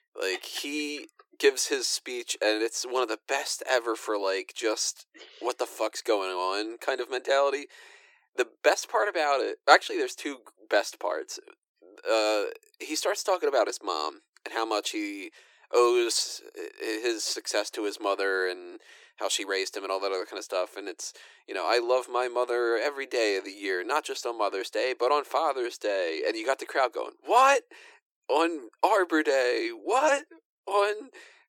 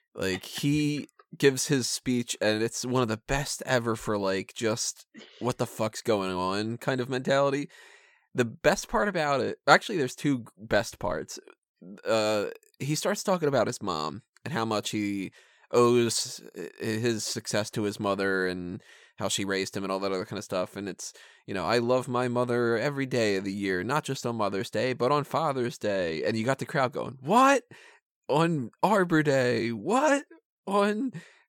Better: second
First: thin; very; fading below 300 Hz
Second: none

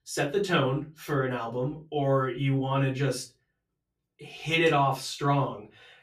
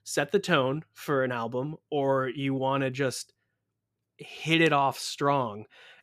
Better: second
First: off-mic speech; far // room echo; very slight; dies away in 0.2 s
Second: none

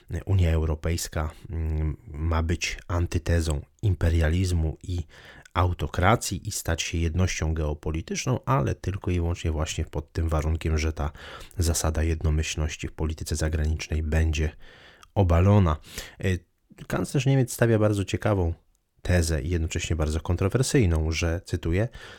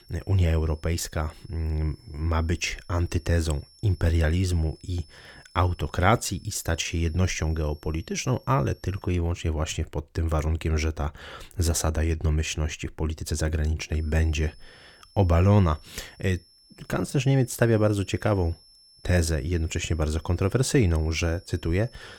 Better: first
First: none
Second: high-pitched whine; faint; until 9 s and from 14 s on; 5.5 kHz, 30 dB below the speech

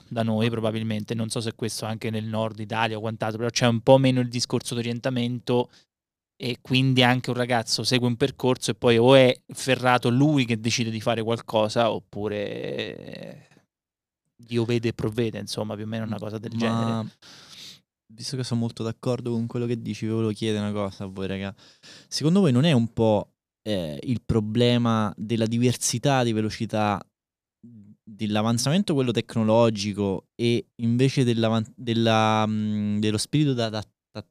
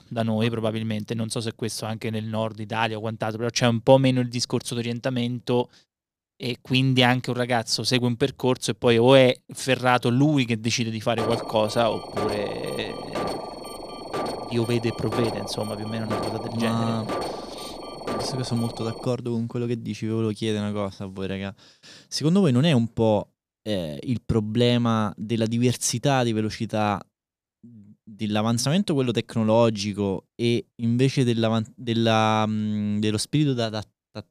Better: first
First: none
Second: alarm; noticeable; from 11 to 19 s; peak 6 dB below the speech

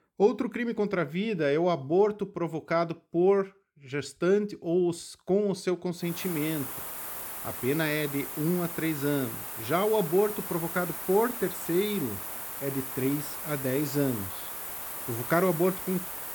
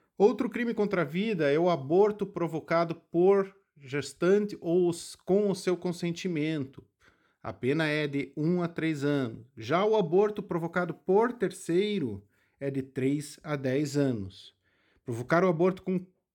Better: second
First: hiss; loud; from 6 s on; 6 dB below the speech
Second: none

